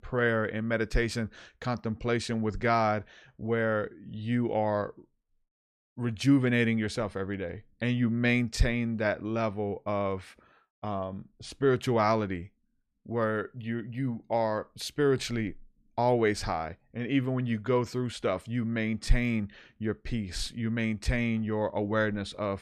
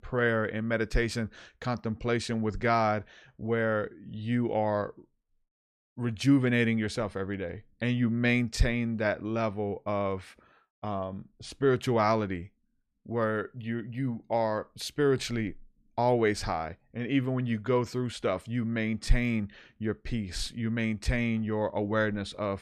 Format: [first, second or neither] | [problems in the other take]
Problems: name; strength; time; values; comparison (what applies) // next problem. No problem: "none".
neither | none